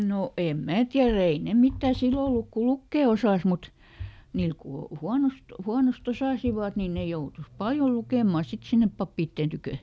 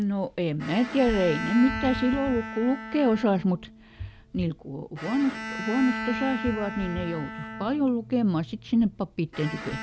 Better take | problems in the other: first | background sound (Bowed string instrument); 10 dB below the speech

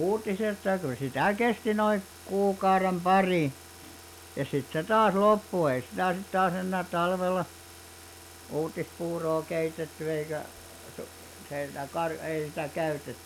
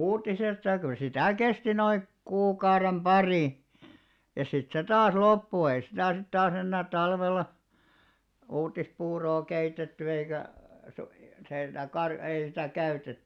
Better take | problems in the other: second | background sound (Car); 19 dB below the speech

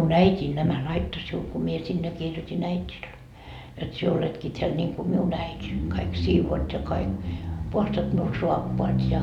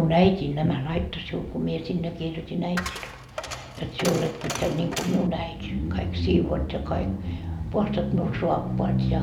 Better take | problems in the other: first | background sound (Coin (dropping)); 10 dB below the speech

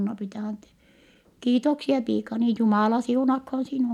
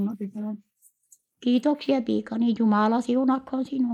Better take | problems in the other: first | noise reduction (neural mask model Resemble Enhance denoiser)

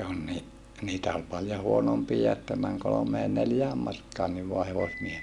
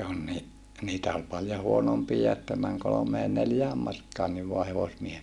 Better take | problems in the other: second | background sound (Microwave oven); 20 dB below the speech

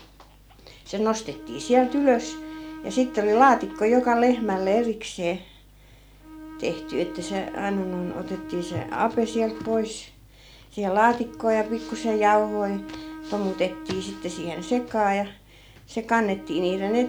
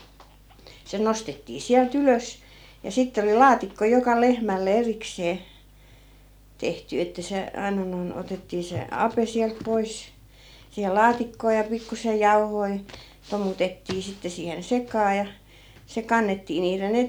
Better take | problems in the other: second | background sound (Bowed string instrument); 14 dB below the speech

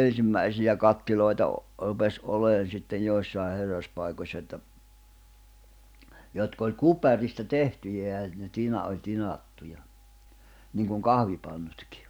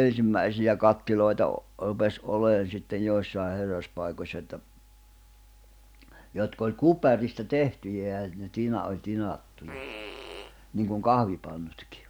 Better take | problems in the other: first | background sound (Fart); 16 dB below the speech

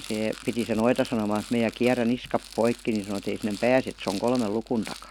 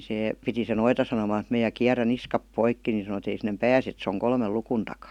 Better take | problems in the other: second | background sound (Rattle); 18 dB below the speech

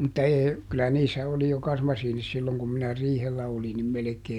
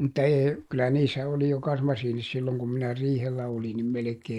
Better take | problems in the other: first | noise reduction (neural mask model Resemble Enhance denoiser)

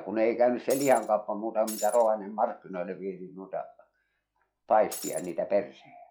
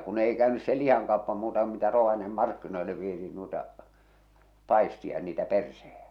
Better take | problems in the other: second | noise reduction (classical method log-MMSE)

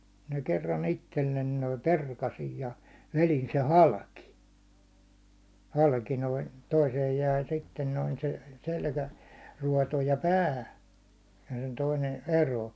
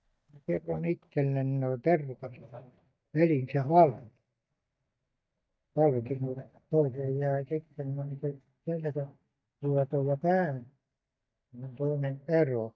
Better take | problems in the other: first | noise reduction (neural mask model DeepFilterNet 3)

